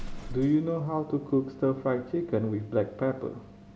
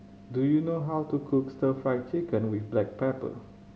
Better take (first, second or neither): second